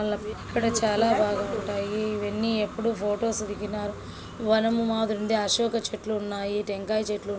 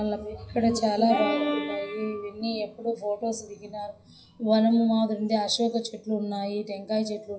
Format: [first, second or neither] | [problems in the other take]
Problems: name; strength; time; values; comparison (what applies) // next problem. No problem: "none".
first | noise reduction (classical method WPE with log-MMSE)